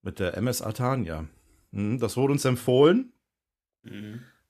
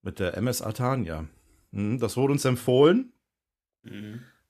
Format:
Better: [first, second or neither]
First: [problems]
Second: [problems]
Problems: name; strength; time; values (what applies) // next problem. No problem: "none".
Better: neither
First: none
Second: none